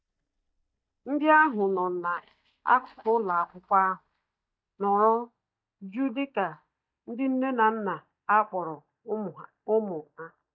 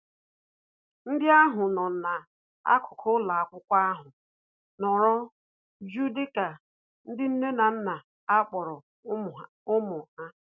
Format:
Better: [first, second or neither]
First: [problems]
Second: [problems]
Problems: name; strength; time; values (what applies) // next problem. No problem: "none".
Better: second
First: noise reduction (neural mask model DeepFilterNet 3)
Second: none